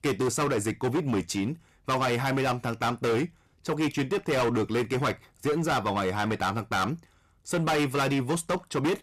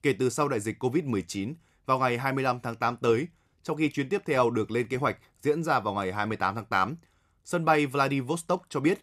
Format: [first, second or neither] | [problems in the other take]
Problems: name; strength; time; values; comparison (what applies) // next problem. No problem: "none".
second | distortion; heavy; 19% of the sound clipped